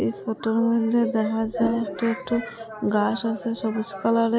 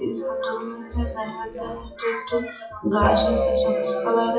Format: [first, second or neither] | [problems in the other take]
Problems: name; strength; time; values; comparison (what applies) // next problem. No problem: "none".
first | noise reduction (classical method WPE with log-MMSE)